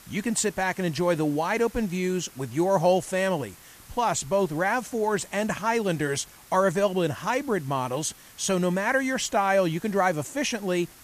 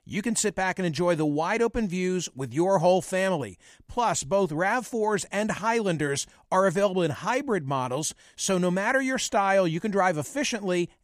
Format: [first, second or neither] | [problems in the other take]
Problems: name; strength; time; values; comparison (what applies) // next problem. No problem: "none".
second | hiss; faint; throughout; 20 dB below the speech